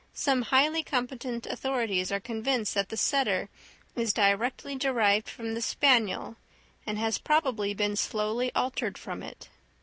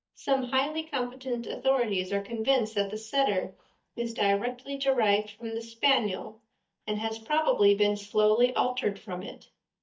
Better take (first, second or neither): first